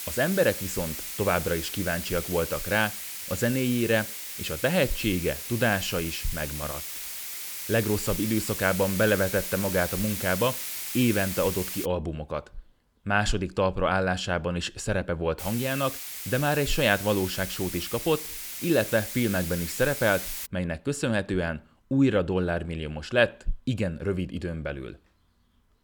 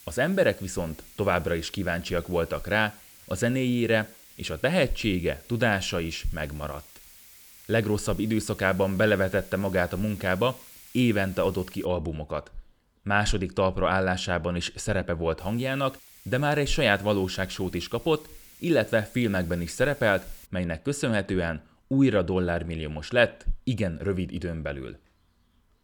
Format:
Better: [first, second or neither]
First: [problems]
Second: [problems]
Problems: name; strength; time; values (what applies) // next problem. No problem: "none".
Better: second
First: hiss; loud; until 12 s and from 15 to 20 s; 6 dB below the speech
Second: hiss; faint; until 12 s and from 15 to 20 s; 20 dB below the speech